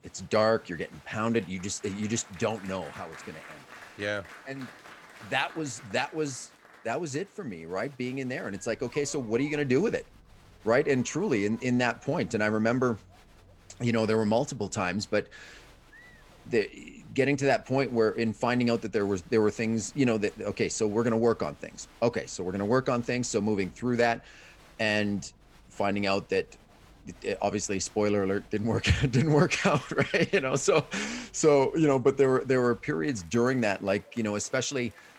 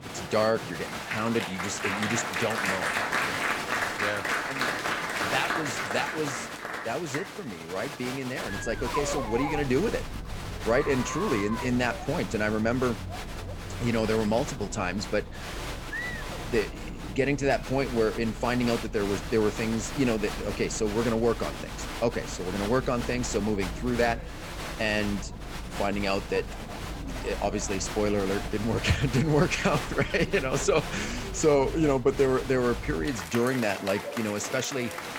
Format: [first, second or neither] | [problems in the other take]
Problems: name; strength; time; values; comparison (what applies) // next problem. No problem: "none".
first | crowd noise; loud; throughout; 5 dB below the speech; faint in the first